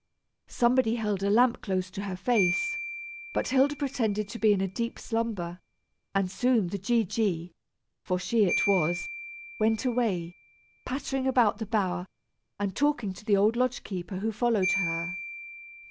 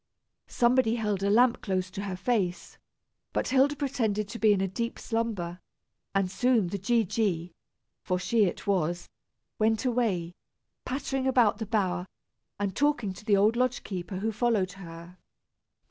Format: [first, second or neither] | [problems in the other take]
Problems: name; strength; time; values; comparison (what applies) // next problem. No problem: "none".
second | background sound (Marimba, xylophone); 11 dB below the speech